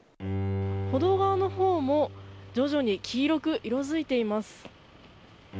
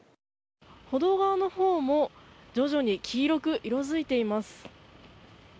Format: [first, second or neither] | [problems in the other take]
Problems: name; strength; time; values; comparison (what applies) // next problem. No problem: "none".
second | background sound (Bowed string instrument); 8 dB below the speech